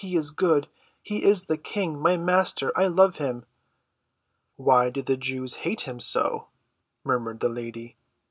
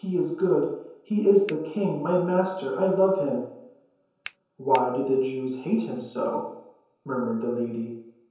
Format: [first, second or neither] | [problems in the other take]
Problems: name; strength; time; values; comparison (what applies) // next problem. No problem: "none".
first | background sound (Finger snapping); 17 dB below the speech // room echo; dies away in 0.9 s